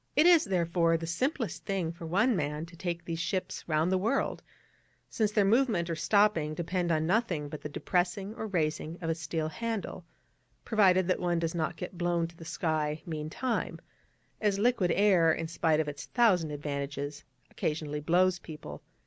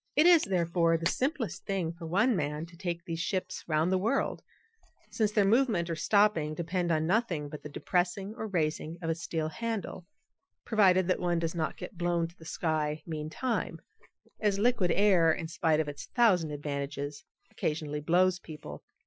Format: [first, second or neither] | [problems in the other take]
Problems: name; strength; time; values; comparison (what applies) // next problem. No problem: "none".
first | noise reduction (classical method Wiener filter)